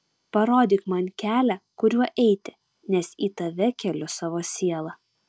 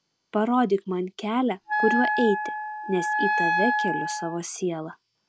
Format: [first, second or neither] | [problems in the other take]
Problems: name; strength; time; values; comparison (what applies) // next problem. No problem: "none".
first | background sound (Wind instrument, woodwind instrument); as loud as the speech